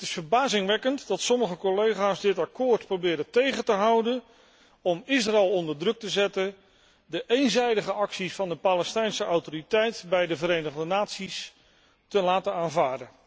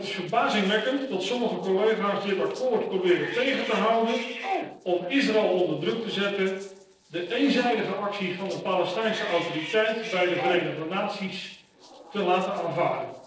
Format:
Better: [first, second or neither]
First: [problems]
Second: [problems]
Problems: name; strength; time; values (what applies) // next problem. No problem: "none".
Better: first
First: none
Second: noise reduction (neural separator model SepFormer DNS4)